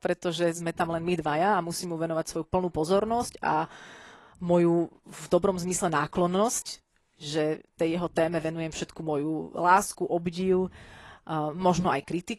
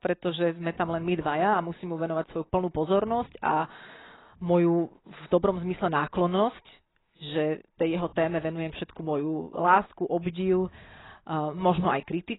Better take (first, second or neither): first